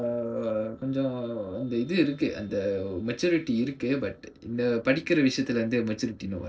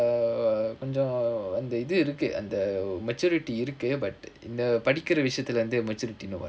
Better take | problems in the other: second | noise reduction (neural separator model SepFormer DNS4)

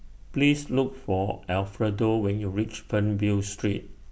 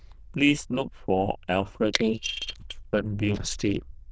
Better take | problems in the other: first | noise reduction (neural diffusion model UNIVERSE++)

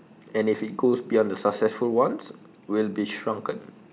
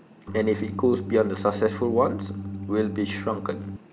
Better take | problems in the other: first | background sound (Organ); 8 dB below the speech

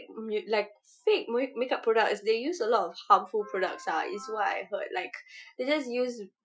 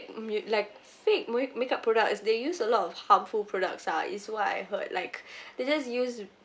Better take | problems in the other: second | noise reduction (classical method Wiener filter)

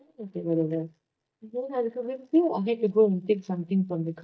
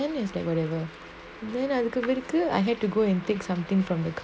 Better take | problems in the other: second | noise reduction (neural mask model DeepFilterNet 3)

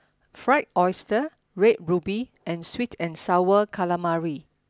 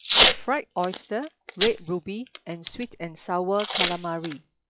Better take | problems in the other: first | noise reduction (classical method log-MMSE)

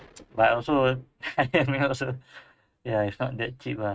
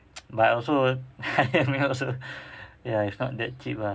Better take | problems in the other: second | noise reduction (neural mask model RNNoise)

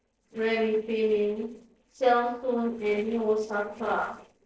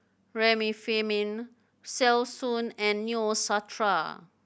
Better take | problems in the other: second | noise reduction (neural separator model SepFormer DNS4)

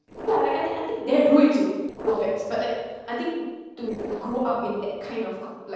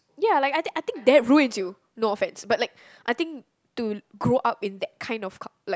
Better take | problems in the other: second | noise reduction (neural separator model SepFormer DNS4)

